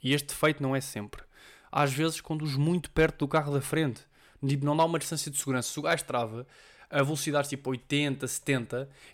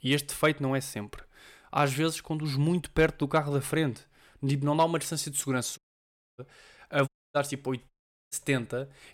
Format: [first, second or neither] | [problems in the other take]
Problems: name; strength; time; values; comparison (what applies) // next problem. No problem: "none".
first | audio cutting out; at 6 s for 0.5 s, at 7 s and at 8 s